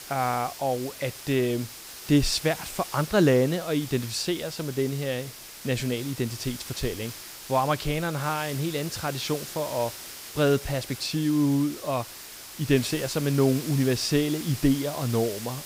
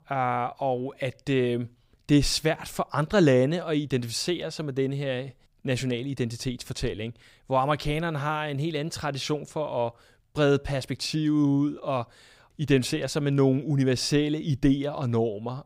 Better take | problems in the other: second | hiss; noticeable; throughout; 10 dB below the speech

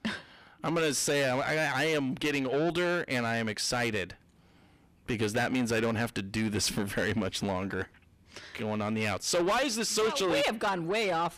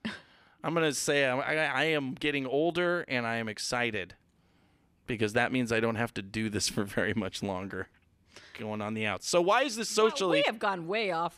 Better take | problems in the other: second | distortion; heavy; 8 dB below the speech

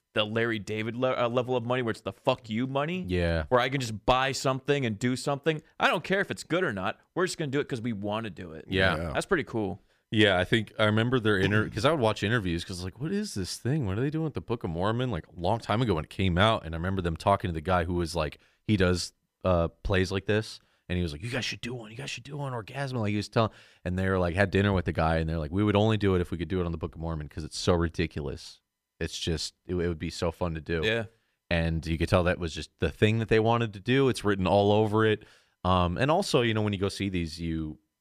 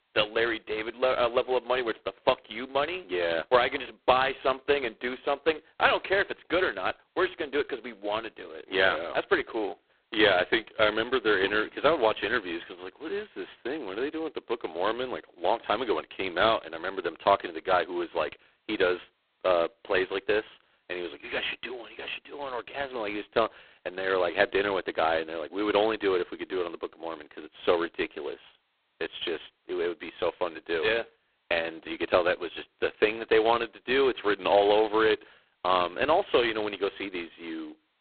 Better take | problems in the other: first | phone-call audio; poor line; nothing above 4 kHz

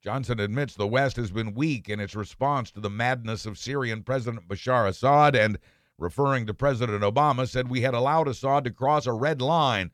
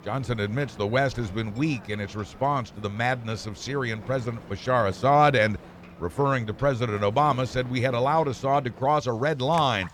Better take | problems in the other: first | rain or running water; noticeable; throughout; 20 dB below the speech

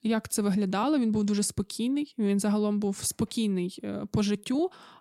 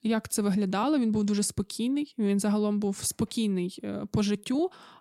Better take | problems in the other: neither | none

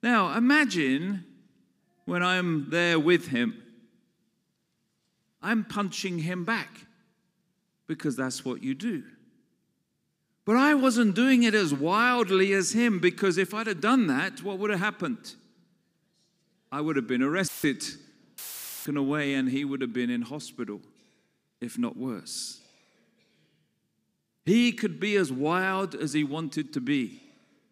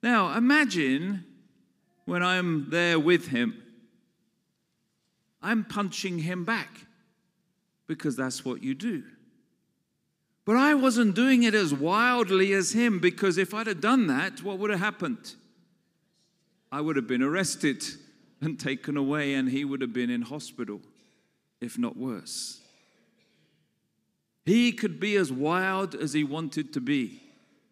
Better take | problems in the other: second | audio cutting out; filled with static; at 17 s and at 18 s

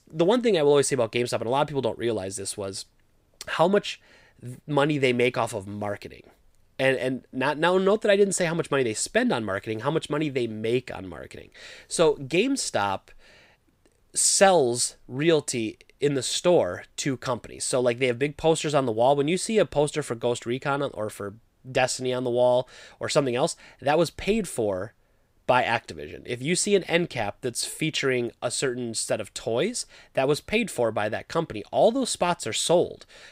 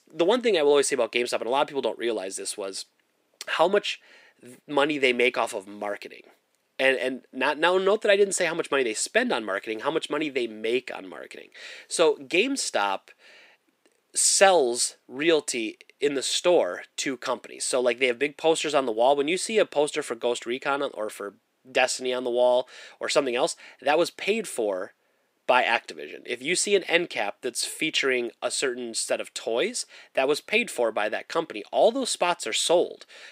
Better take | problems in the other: first | thin; very slightly; fading below 250 Hz

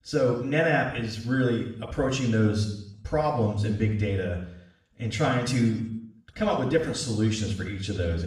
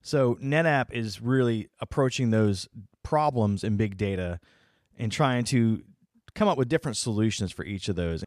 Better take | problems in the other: second | room echo; noticeable; dies away in 0.7 s // off-mic speech; far

